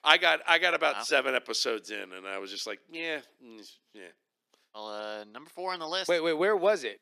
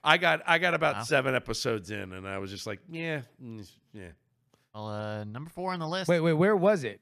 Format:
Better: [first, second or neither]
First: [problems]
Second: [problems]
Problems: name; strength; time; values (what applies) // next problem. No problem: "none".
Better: second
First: thin; somewhat; fading below 300 Hz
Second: none